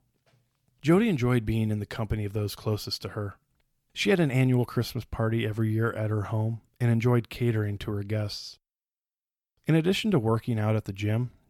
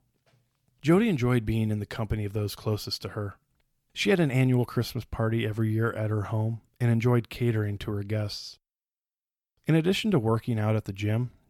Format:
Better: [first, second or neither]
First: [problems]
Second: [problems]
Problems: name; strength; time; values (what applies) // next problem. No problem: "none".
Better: neither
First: none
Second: none